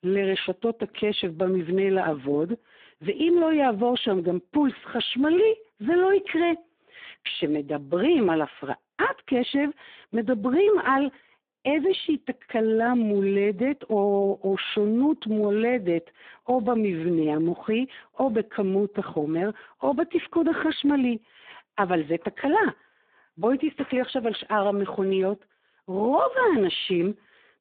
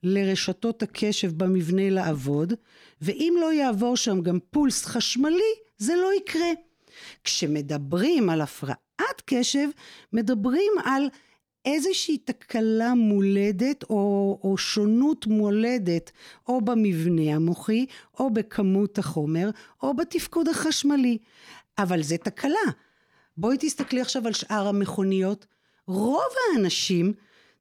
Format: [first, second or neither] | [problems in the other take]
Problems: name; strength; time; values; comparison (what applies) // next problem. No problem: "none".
second | phone-call audio; poor line; nothing above 3.5 kHz